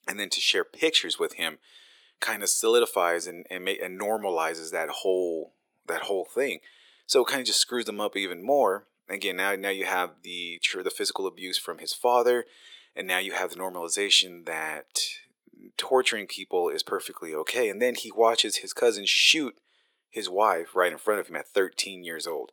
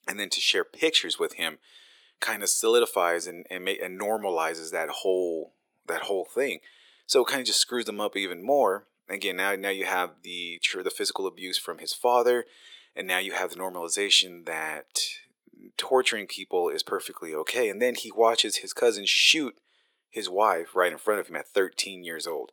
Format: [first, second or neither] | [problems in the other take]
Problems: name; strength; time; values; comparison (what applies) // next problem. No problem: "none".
neither | thin; very; fading below 400 Hz; the same in both